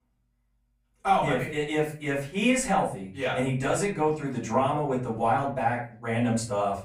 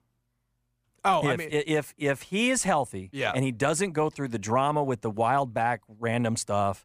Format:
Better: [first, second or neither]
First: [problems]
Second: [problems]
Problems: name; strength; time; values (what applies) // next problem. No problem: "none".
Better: second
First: off-mic speech; far // room echo; slight; dies away in 0.4 s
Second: none